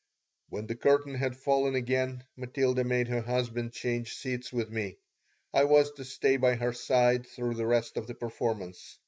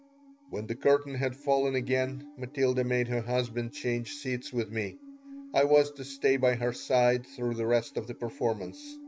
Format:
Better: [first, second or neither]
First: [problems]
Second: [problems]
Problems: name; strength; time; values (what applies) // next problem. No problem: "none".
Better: first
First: none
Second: background sound (Musical instrument); 19 dB below the speech